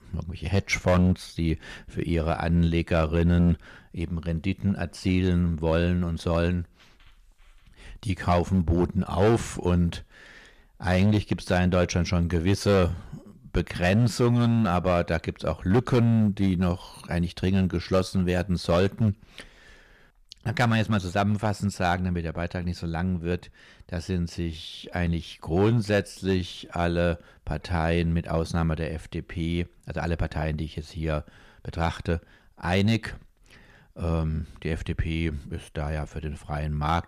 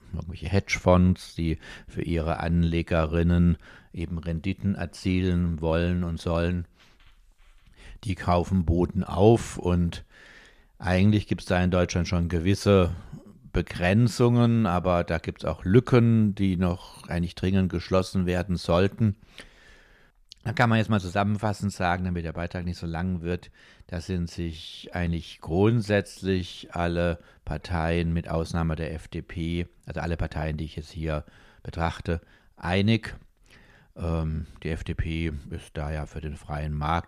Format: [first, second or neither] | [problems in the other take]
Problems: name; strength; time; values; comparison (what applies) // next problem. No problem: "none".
second | distortion; slight; 3% of the sound clipped